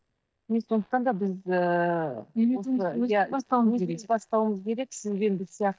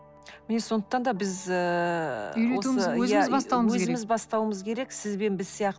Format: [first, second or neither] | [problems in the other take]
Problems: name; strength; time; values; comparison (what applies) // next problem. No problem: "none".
second | noise reduction (neural mask model DeepFilterNet 3)